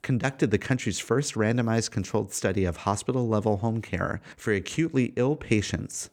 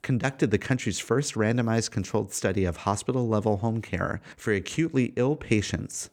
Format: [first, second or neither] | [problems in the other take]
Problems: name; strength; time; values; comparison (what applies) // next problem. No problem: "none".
neither | none